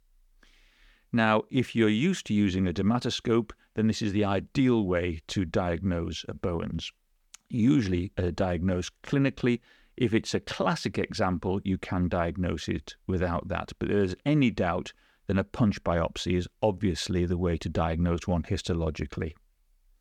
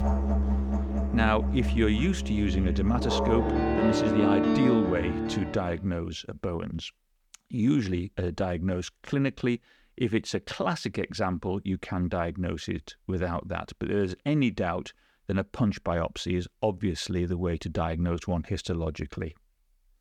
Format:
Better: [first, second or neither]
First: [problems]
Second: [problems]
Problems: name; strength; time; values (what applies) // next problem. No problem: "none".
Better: first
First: none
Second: background music; very loud; until 5 s; 2 dB above the speech